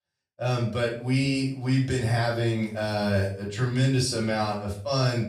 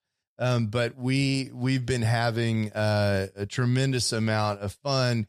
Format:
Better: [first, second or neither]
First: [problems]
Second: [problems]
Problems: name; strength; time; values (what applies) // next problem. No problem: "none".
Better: second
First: room echo; slight; dies away in 0.4 s // off-mic speech; far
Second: none